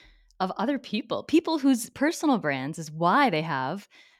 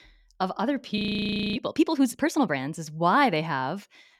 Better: first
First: none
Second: audio freezing; at 1 s for 0.5 s

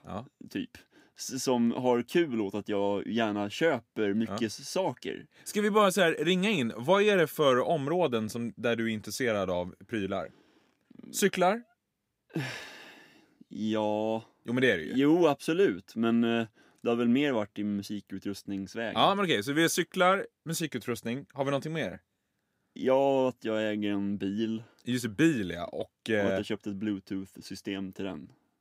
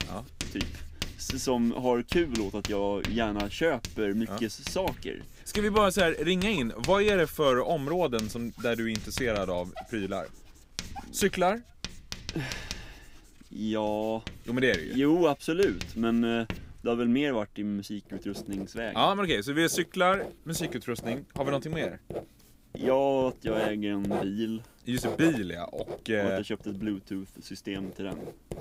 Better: first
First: none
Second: household noises; noticeable; throughout; 10 dB below the speech

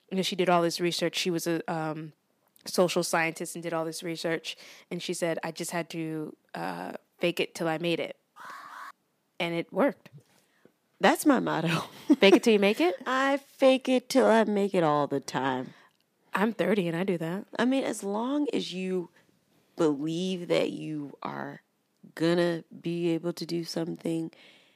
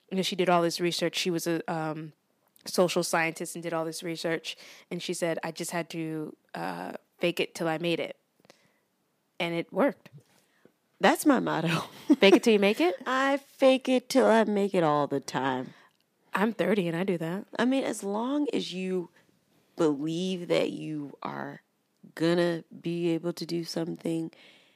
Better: second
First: alarm; faint; at 8.5 s; peak 15 dB below the speech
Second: none

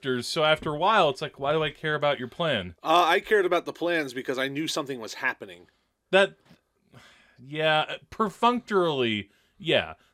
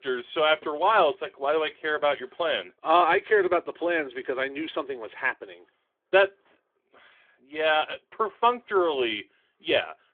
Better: first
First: none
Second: phone-call audio; nothing above 3.5 kHz

